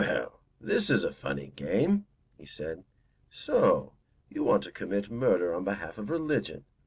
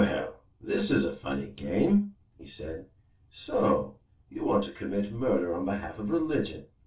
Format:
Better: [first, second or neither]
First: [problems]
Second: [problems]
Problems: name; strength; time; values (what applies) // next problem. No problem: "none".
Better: first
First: none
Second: room echo; dies away in 0.3 s